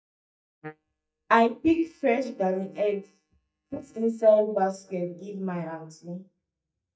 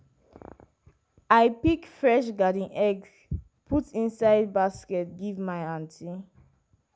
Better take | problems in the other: second | noise reduction (neural mask model DeepFilterNet 3)

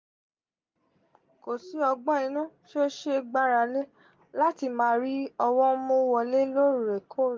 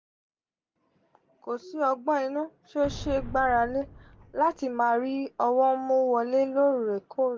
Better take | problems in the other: first | background sound (Boom); 15 dB below the speech

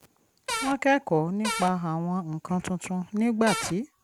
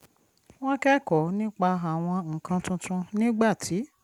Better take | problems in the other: second | background sound (Cupboard open or close / Door); 5 dB below the speech

